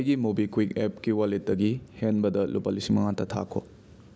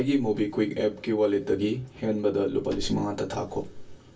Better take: first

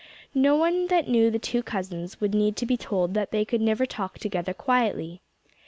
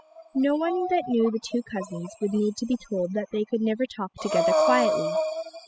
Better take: first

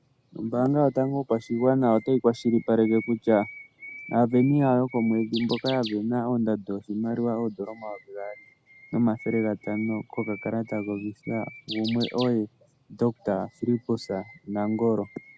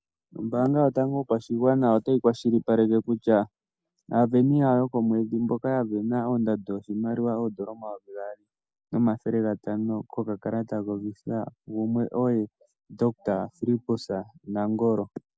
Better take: second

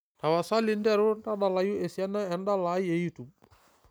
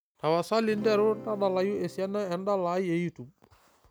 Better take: first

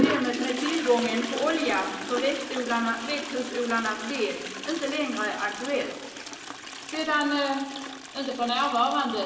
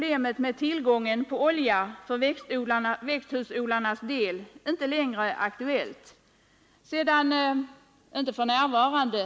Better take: second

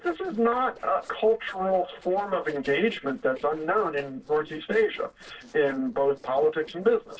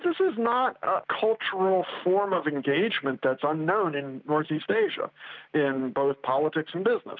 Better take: second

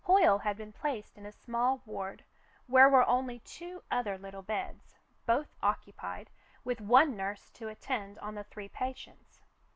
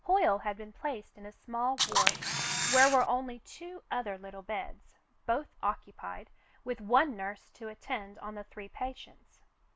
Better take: first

